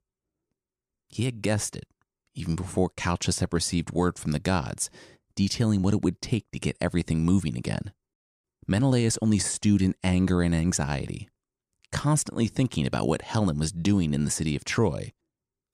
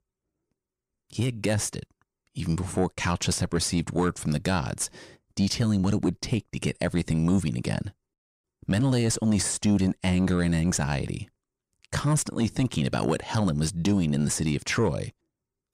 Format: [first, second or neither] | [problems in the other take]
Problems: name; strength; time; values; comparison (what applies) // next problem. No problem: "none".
first | distortion; slight; 10 dB below the speech